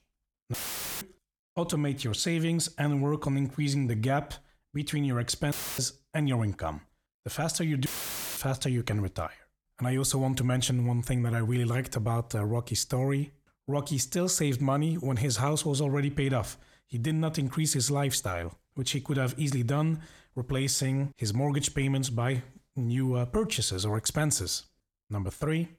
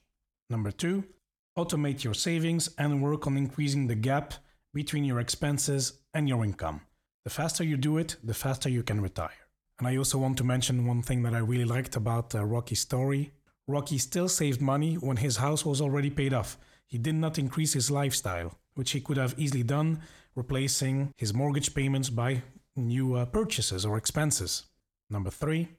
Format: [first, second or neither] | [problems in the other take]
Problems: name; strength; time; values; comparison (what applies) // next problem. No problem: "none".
second | audio cutting out; filled with static; at 0.5 s, at 5.5 s and at 8 s for 0.5 s